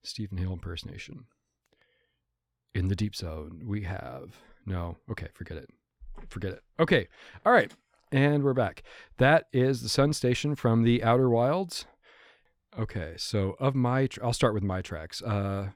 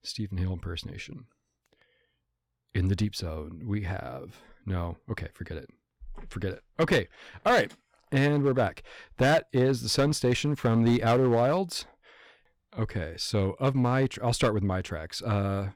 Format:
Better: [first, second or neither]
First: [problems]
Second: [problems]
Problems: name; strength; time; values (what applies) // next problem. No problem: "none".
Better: first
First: none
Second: distortion; slight; 3% of the sound clipped